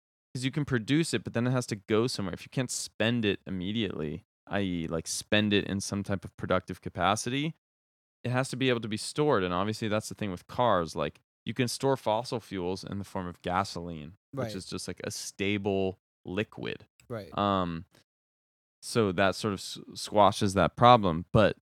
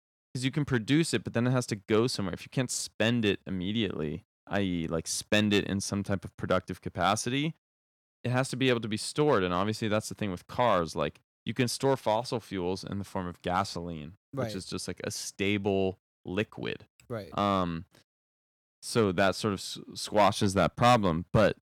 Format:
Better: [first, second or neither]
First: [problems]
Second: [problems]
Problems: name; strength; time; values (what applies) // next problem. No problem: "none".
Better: first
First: none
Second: distortion; slight; 0.9% of the sound clipped